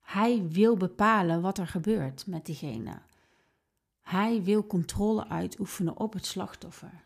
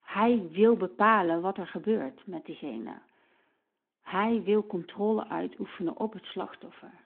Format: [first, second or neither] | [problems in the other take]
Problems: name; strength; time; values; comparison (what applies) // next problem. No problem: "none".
first | phone-call audio